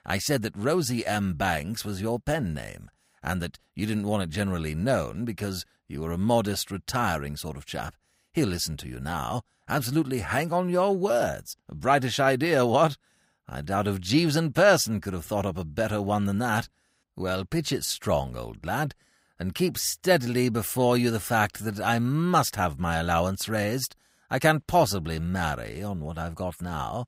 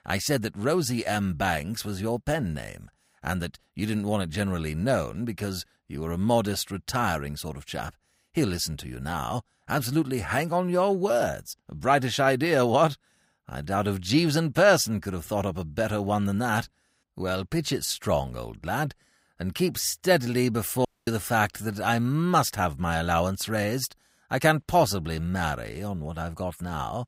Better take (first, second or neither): first